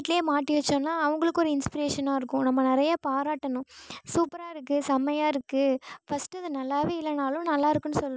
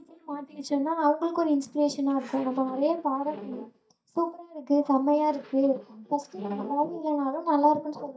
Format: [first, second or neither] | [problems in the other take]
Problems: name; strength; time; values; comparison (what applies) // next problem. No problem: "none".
first | noise reduction (neural mask model DeepFilterNet 3)